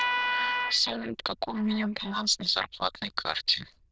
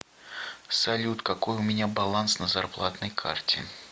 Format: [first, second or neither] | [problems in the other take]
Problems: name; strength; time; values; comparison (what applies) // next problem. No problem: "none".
second | noise reduction (neural diffusion model UNIVERSE++)